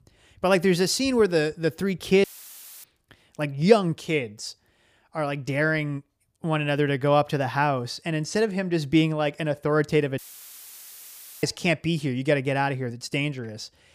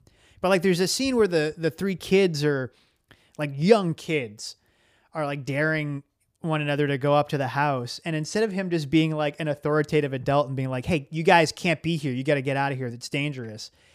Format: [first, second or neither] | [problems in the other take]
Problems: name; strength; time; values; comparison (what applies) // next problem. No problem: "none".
second | audio cutting out; filled with static; at 2 s for 0.5 s and at 10 s for 1.5 s